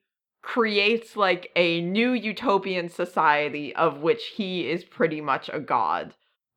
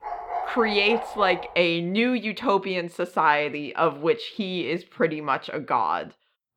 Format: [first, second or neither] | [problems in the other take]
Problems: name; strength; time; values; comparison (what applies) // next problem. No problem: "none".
first | dog barking; noticeable; until 1.5 s; peak 6 dB below the speech